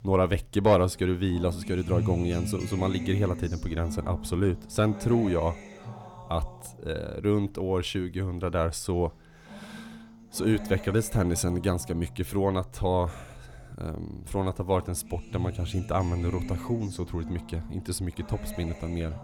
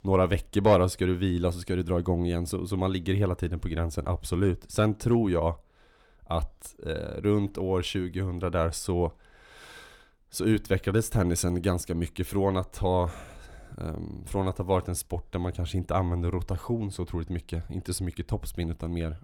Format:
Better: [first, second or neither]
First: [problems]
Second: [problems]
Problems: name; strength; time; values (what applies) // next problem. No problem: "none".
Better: second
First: background music; noticeable; throughout; 10 dB below the speech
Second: none